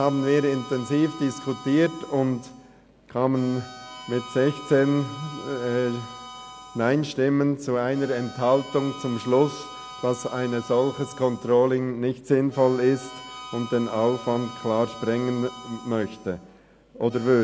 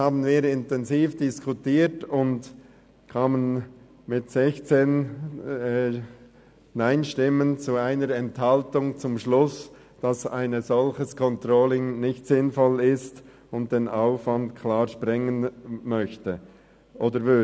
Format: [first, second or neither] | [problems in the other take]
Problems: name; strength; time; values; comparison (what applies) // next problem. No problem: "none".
second | background sound (Harmonica); 17 dB below the speech